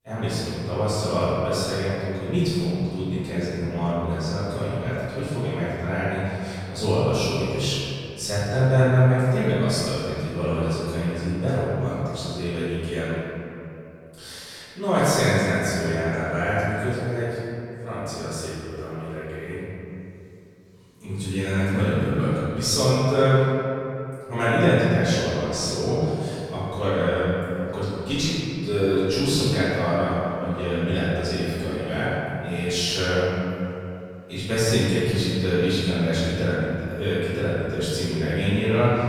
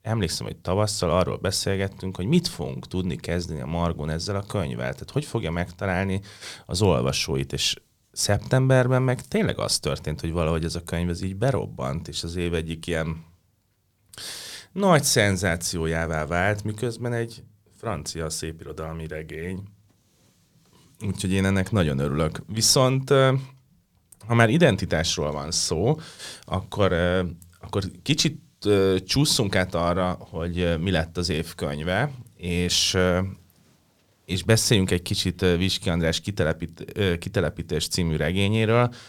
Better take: second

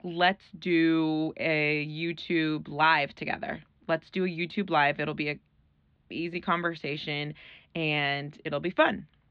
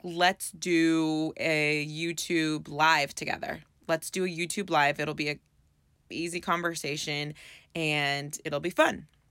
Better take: second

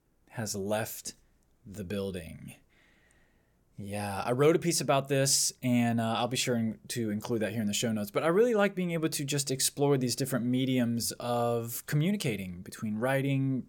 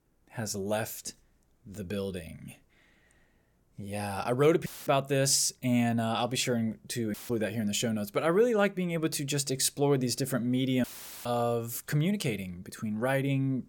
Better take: first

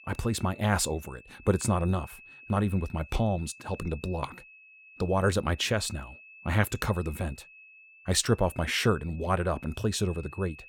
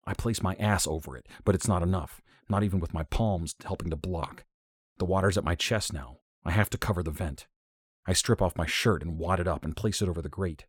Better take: second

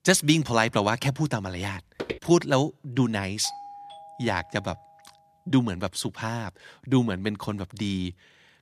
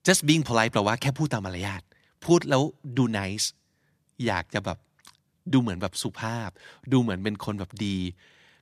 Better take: second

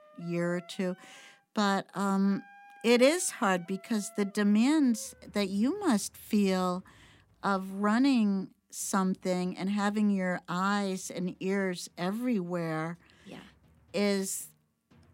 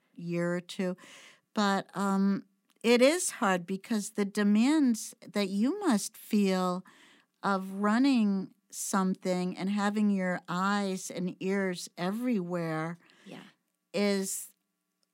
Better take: second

